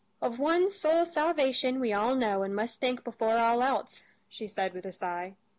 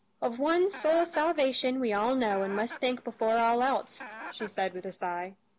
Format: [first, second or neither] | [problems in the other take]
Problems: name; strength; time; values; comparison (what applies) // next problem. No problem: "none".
first | background sound (Chicken, rooster); 16 dB below the speech